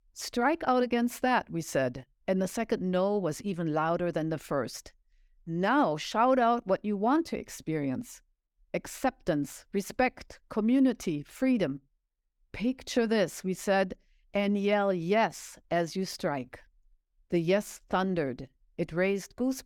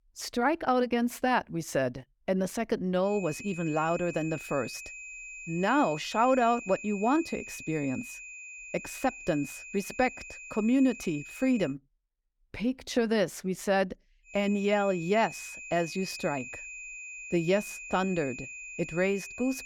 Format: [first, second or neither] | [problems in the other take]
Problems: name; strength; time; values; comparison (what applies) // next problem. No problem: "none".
first | high-pitched whine; noticeable; from 3 to 12 s and from 14 s on; 2.5 kHz, 10 dB below the speech